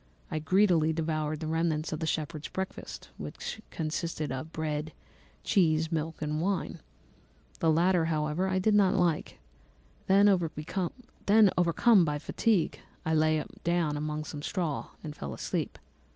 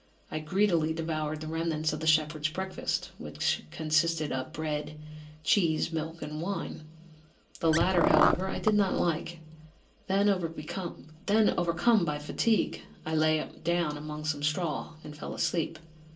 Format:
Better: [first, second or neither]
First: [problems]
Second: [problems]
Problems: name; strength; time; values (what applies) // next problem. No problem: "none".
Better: first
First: none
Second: background sound (Car); 2 dB above the speech // room echo; dies away in 0.2 s